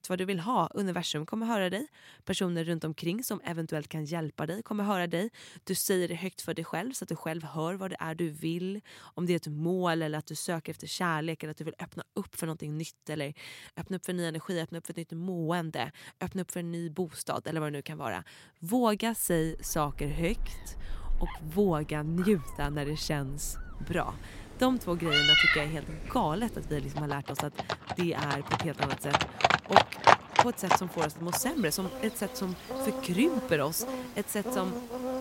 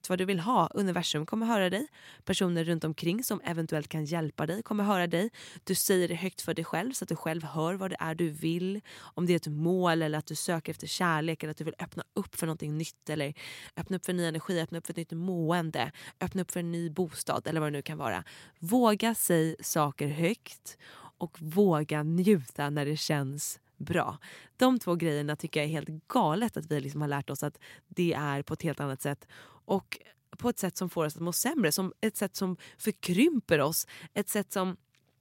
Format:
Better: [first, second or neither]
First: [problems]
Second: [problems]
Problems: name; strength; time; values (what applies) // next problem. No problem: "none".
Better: second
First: animal sounds; very loud; from 20 s on; 4 dB above the speech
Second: none